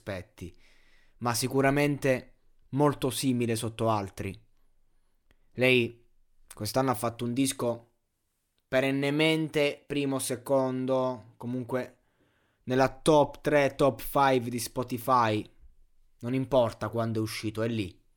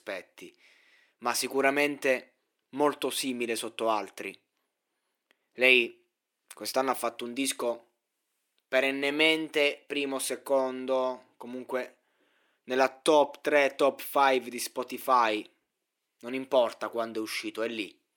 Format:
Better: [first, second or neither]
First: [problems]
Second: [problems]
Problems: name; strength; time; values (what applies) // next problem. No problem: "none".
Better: first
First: none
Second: thin; very slightly; fading below 300 Hz